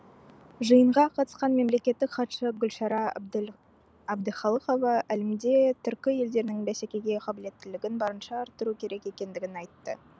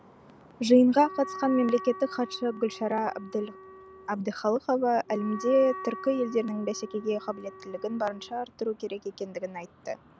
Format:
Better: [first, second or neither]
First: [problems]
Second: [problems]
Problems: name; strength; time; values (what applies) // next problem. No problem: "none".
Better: first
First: none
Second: background sound (Wind instrument, woodwind instrument); 15 dB below the speech